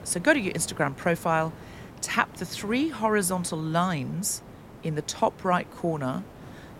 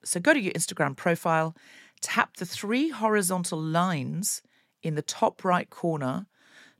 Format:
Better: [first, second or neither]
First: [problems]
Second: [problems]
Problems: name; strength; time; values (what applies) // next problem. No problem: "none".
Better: second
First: hiss; noticeable; throughout; 20 dB below the speech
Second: none